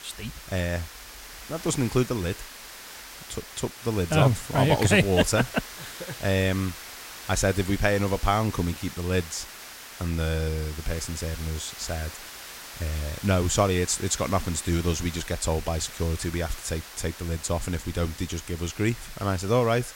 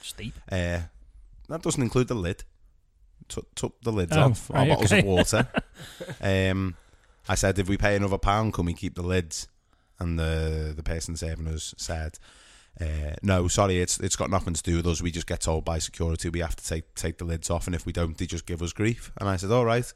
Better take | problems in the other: second | hiss; noticeable; throughout; 15 dB below the speech

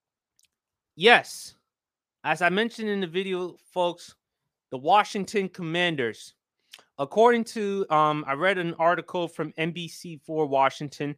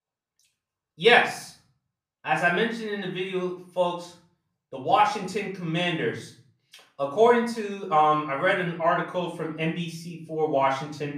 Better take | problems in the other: first | off-mic speech; far // room echo; slight; dies away in 0.4 s

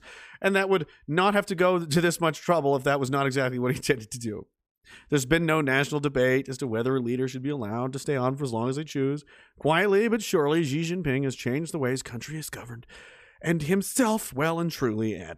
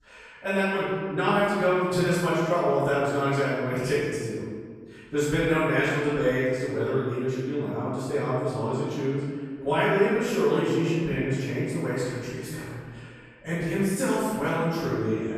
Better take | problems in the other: first | off-mic speech; far // room echo; strong; dies away in 1.5 s

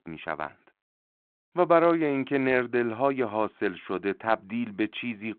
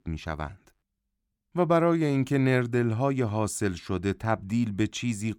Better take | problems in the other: second | phone-call audio; nothing above 4 kHz

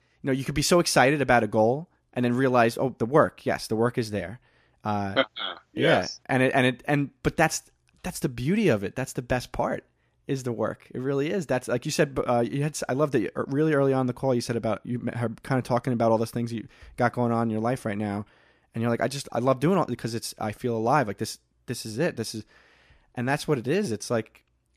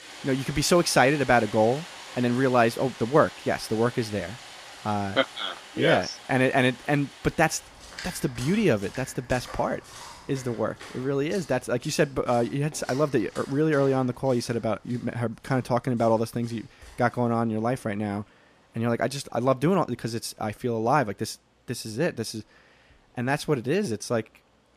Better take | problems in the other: first | rain or running water; noticeable; throughout; 15 dB below the speech

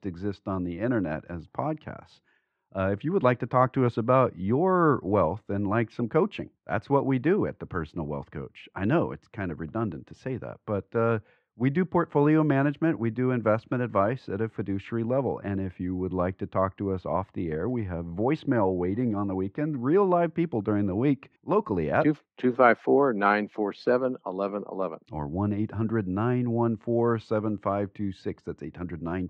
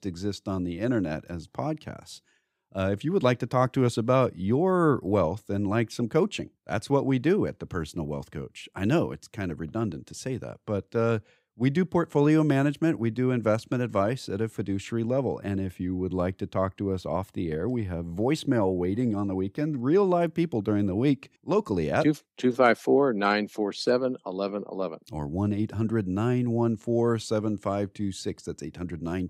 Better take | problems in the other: second | muffled; very; fading above 2 kHz

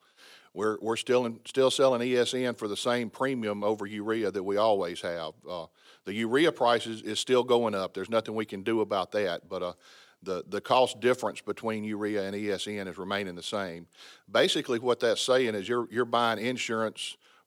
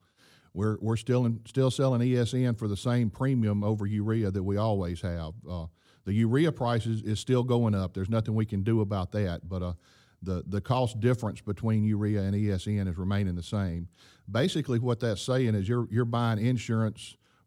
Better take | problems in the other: second | thin; very; fading below 450 Hz

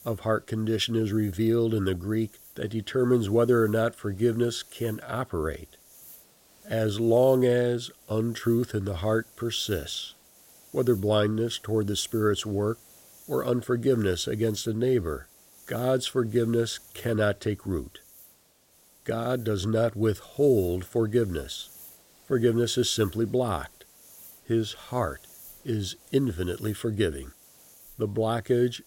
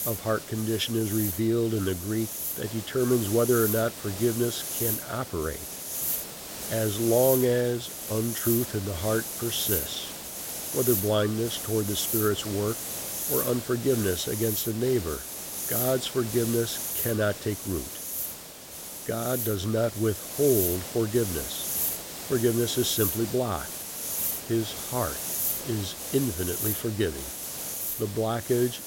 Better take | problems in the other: first | hiss; loud; throughout; 3 dB below the speech; faint in the first

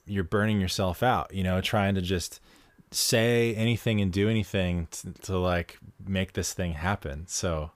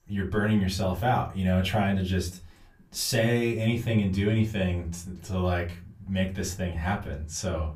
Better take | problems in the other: first | off-mic speech; far // room echo; very slight; dies away in 0.3 s

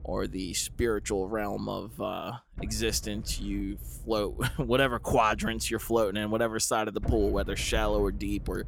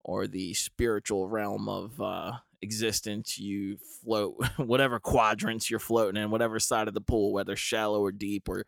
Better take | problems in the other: second | low rumble; faint; throughout; 25 dB below the speech

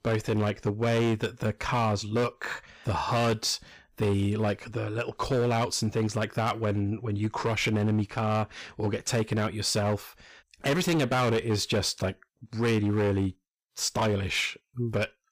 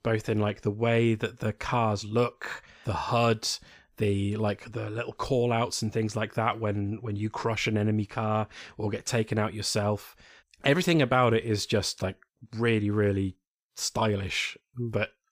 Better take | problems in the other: second | distortion; slight; 11% of the sound clipped

